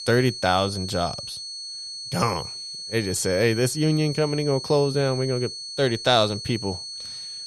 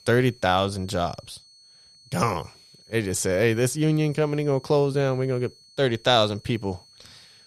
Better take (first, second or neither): second